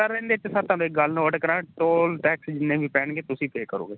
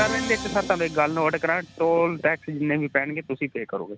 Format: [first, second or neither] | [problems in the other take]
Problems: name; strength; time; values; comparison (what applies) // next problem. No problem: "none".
first | background sound (Musical instrument); 12 dB below the speech